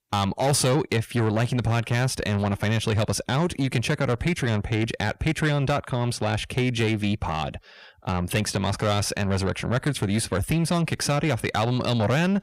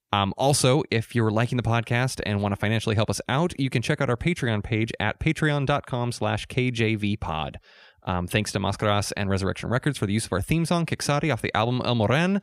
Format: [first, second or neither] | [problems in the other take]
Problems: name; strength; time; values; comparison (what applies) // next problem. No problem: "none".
second | distortion; slight; 10 dB below the speech